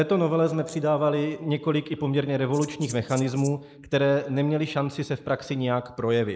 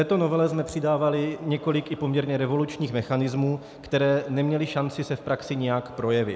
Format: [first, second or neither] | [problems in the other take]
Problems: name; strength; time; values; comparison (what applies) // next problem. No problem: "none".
second | noise reduction (neural mask model Resemble Enhance denoiser)